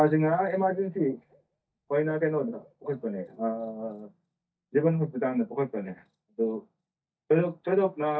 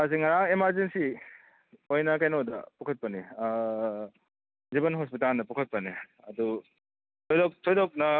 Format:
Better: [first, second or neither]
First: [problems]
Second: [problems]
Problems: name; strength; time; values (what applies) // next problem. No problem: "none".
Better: second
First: noise reduction (neural mask model DeepFilterNet 3)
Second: none